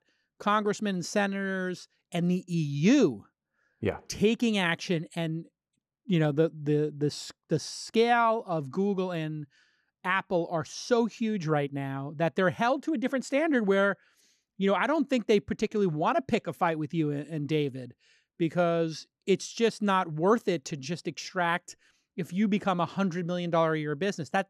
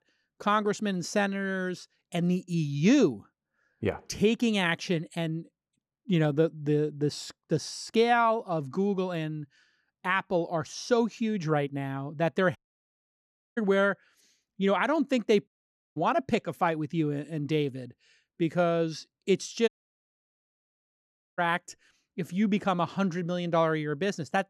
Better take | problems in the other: first | audio cutting out; at 13 s for 1 s, at 15 s and at 20 s for 1.5 s

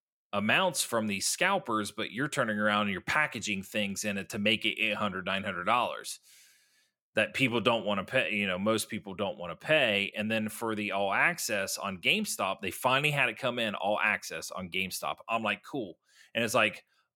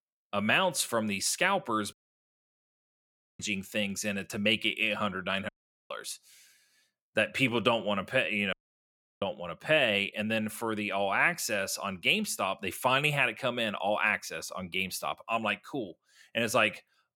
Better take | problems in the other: first | audio cutting out; at 2 s for 1.5 s, at 5.5 s and at 8.5 s for 0.5 s

